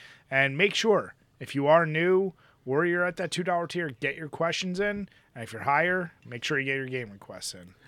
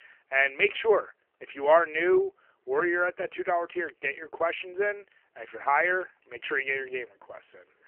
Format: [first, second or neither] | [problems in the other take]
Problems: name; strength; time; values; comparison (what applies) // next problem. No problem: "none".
first | phone-call audio; poor line